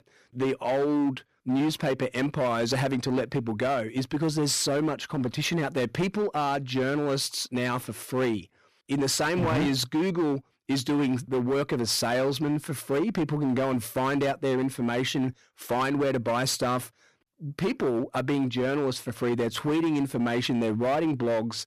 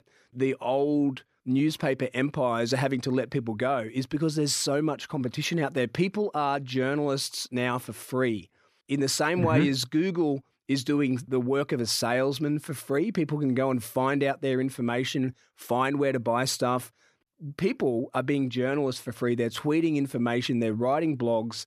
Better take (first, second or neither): second